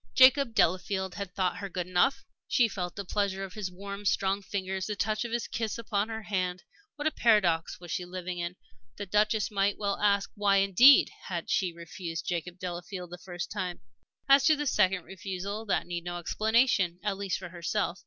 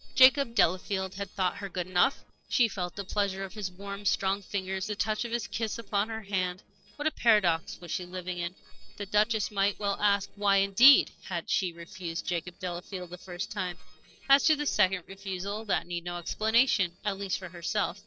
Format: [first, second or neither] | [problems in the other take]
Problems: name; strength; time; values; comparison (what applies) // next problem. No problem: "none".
first | noise reduction (neural separator model SepFormer DNS4)